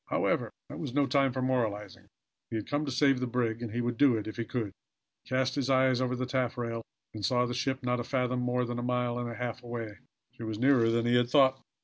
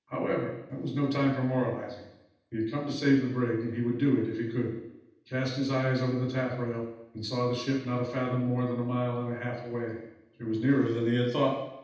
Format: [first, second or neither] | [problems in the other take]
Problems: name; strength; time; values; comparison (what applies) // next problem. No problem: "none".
first | room echo; dies away in 0.8 s